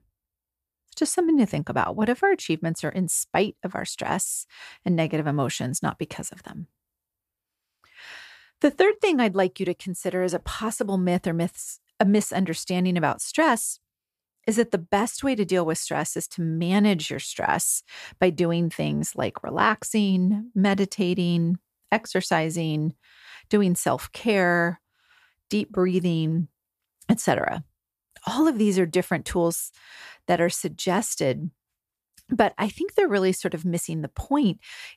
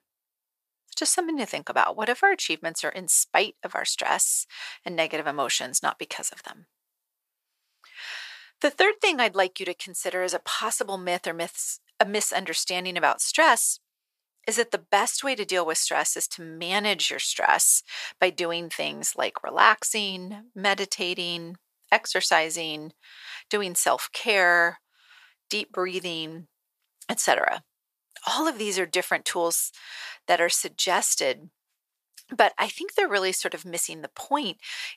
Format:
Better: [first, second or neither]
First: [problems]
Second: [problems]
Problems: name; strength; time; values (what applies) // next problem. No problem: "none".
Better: first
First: none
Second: thin; very; fading below 600 Hz